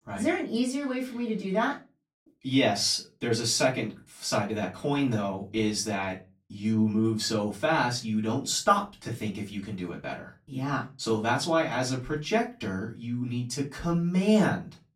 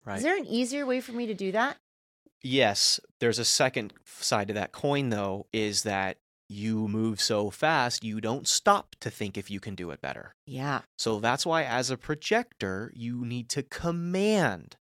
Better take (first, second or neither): second